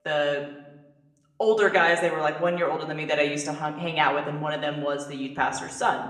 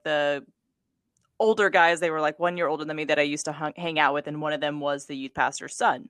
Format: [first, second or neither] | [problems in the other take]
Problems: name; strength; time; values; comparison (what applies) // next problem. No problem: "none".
second | room echo; slight; dies away in 1.1 s // off-mic speech; somewhat distant